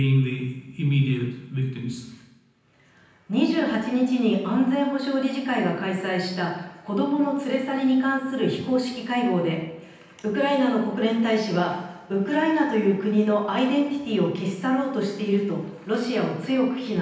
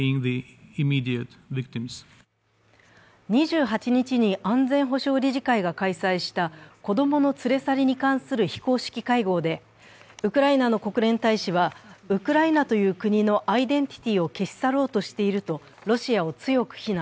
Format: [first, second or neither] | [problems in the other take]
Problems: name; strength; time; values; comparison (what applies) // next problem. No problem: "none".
second | room echo; dies away in 0.9 s